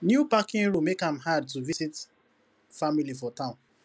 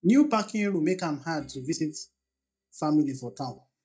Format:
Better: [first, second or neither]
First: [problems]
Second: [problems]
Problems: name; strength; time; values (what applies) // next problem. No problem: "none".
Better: first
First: none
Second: noise reduction (neural mask model DeepFilterNet 3)